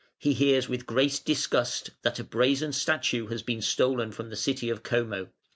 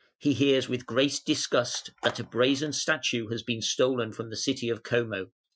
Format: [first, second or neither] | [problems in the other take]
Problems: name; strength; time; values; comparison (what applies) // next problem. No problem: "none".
first | noise reduction (classical method Wiener filter)